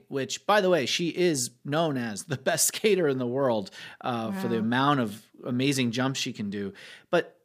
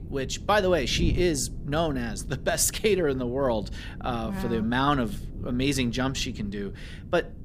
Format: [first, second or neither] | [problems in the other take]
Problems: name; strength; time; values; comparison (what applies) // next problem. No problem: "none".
first | wind noise on the microphone; occasional gusts; 20 dB below the speech